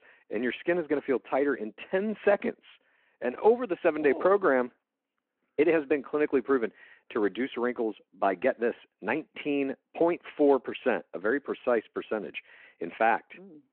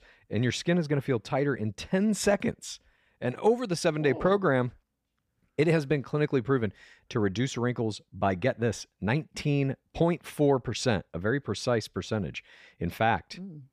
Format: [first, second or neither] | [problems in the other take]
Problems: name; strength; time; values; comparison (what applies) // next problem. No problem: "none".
second | phone-call audio